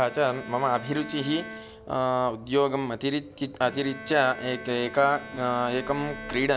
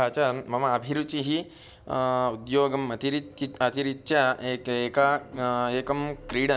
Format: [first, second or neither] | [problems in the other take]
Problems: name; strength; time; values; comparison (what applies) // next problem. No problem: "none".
second | background sound (Bowed string instrument); 15 dB below the speech